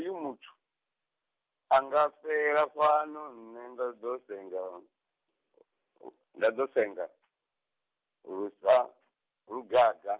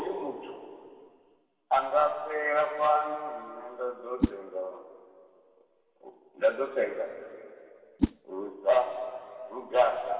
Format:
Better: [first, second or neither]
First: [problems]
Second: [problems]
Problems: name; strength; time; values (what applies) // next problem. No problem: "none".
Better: first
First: none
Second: background sound (Whoosh, swoosh, swish); 6 dB below the speech // room echo; dies away in 2.6 s